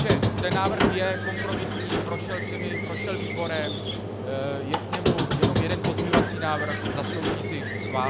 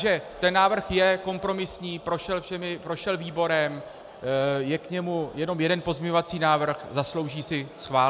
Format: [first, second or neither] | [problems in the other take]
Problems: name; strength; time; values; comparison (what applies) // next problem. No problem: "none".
second | background sound (Squeak); 5 dB above the speech